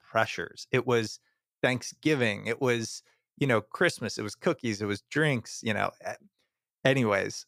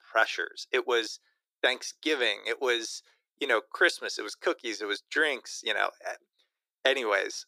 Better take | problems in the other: first | thin; very; fading below 350 Hz

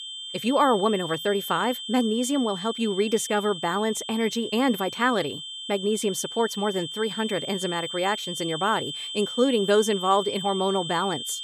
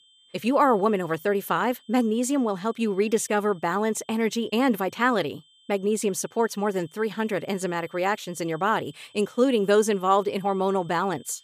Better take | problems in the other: second | high-pitched whine; loud; throughout; 3 kHz, 7 dB below the speech; faint in the second

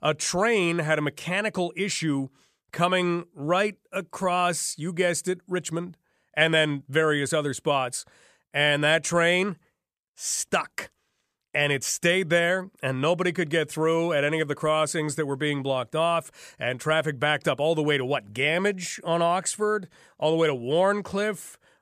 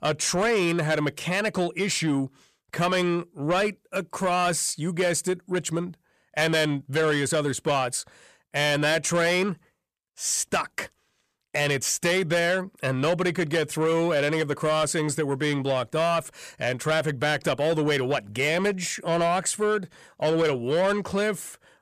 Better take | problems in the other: first | distortion; slight; 10 dB below the speech

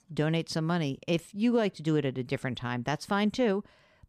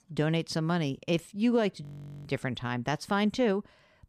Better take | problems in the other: first | audio freezing; at 2 s

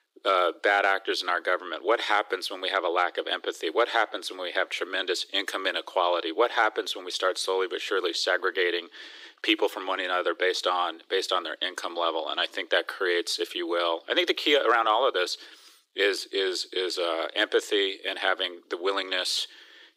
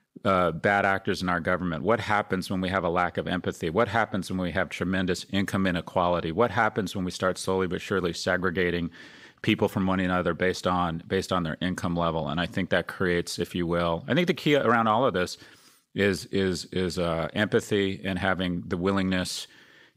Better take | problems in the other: second | thin; very; fading below 300 Hz

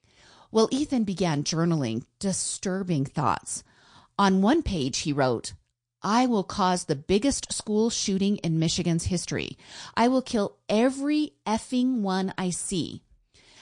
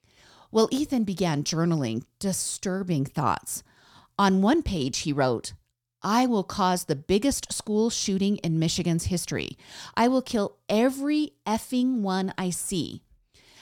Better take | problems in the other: second | garbled, watery; slightly

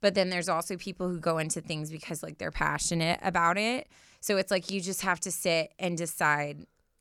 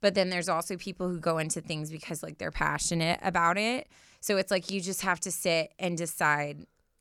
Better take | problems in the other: neither | none

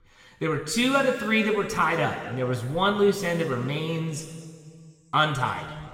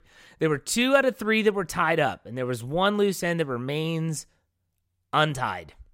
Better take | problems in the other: second | room echo; noticeable; dies away in 1.8 s // off-mic speech; somewhat distant

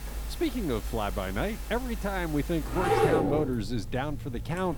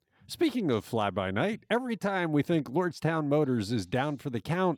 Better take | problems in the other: second | household noises; loud; throughout; 1 dB below the speech

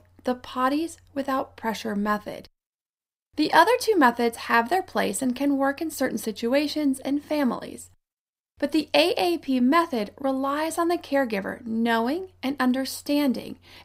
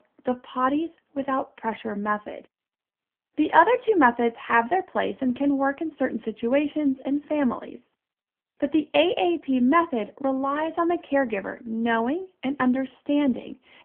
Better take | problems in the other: first | phone-call audio; poor line; nothing above 3.5 kHz

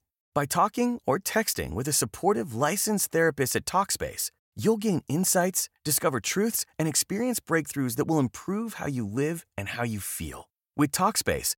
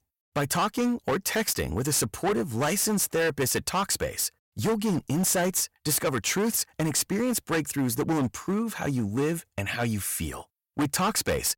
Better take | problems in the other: first | distortion; heavy; 14% of the sound clipped

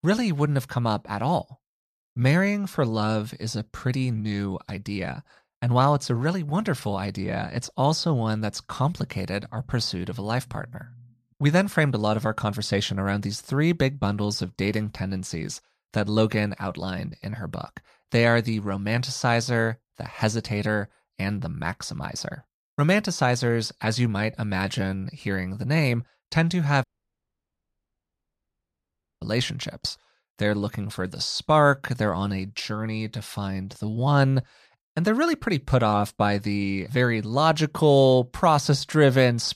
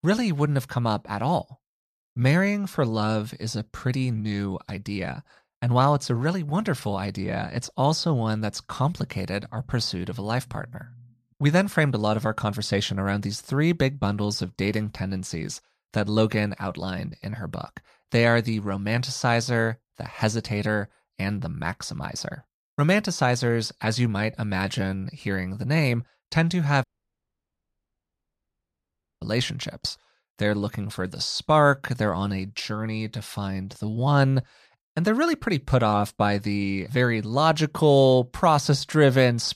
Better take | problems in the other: neither | audio cutting out; at 27 s for 2.5 s; the same in both

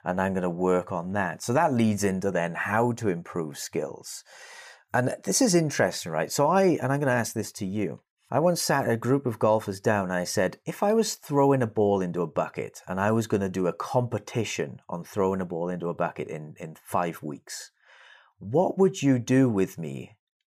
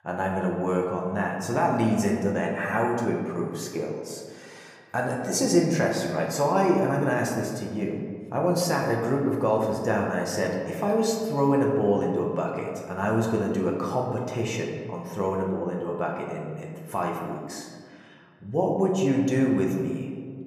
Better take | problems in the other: first | room echo; noticeable; dies away in 1.5 s // off-mic speech; somewhat distant

